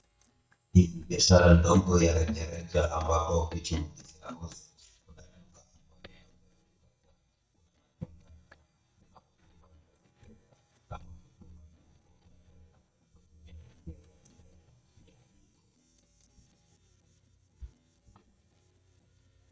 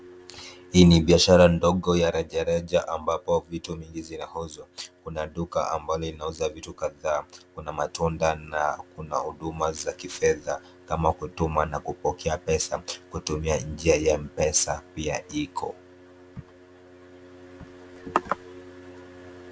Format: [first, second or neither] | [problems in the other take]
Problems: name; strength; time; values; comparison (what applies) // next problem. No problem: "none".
second | noise reduction (neural mask model DeepFilterNet 3)